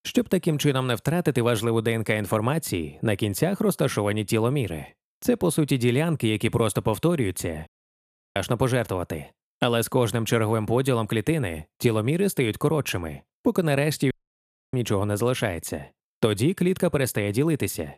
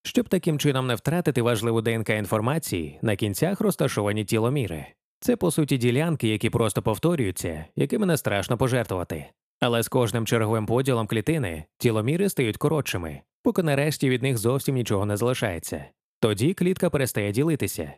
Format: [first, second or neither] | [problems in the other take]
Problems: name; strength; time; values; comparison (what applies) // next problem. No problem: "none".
second | audio cutting out; at 7.5 s for 0.5 s and at 14 s for 0.5 s